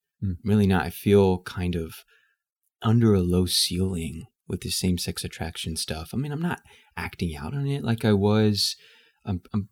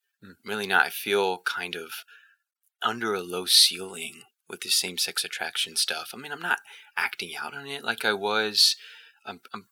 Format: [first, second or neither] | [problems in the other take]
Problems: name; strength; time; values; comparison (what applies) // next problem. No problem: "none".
first | thin; very; fading below 700 Hz